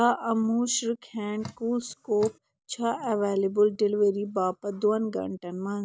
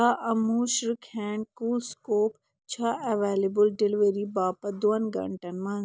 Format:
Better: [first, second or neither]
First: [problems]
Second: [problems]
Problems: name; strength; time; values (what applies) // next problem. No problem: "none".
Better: second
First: background sound (Drip); 17 dB below the speech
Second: none